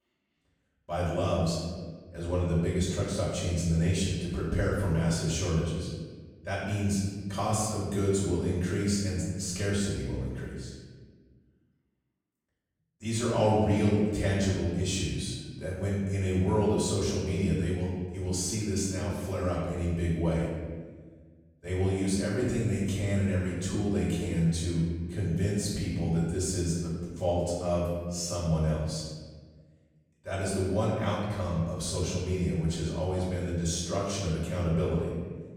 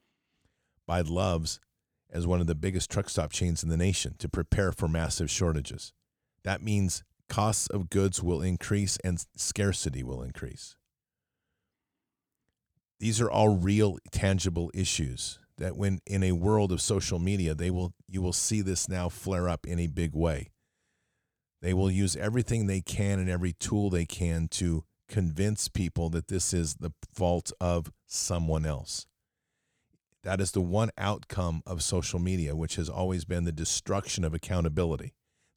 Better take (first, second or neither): second